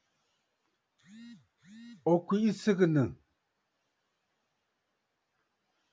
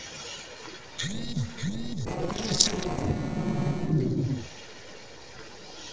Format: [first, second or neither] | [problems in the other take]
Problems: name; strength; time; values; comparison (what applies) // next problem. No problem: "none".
first | noise reduction (neural separator model SepFormer DNS4)